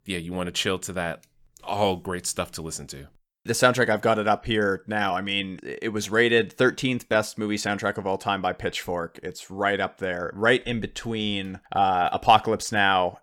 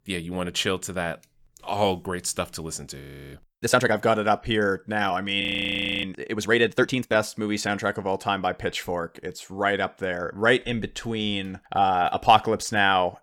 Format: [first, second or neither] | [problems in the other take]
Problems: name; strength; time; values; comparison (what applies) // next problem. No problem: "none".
first | audio freezing; at 3 s and at 5.5 s for 0.5 s